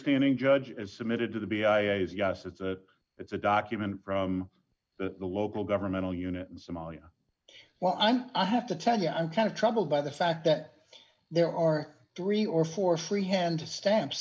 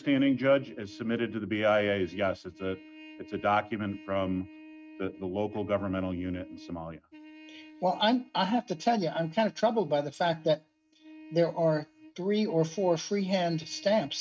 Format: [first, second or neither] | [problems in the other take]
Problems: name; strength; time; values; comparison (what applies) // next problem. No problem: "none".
first | noise reduction (neural mask model RNNoise)